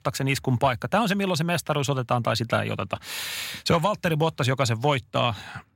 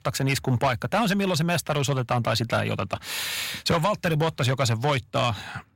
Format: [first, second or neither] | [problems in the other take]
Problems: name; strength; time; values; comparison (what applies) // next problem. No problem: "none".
first | distortion; slight; 10 dB below the speech